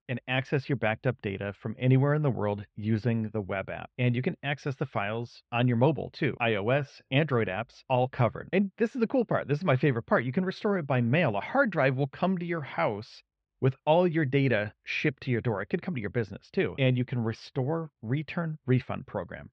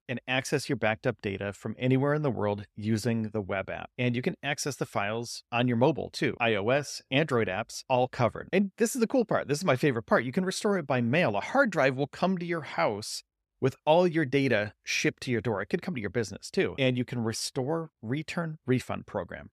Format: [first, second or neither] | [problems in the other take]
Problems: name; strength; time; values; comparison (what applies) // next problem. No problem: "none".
second | muffled; slightly; fading above 3.5 kHz